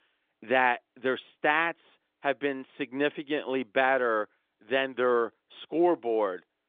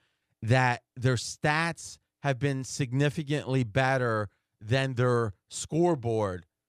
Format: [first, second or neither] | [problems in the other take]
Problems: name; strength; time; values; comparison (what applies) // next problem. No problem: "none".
second | phone-call audio